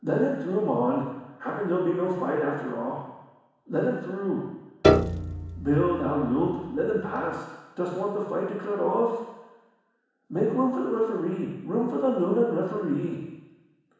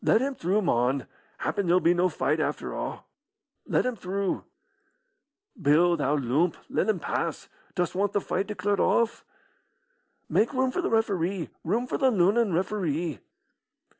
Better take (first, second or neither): second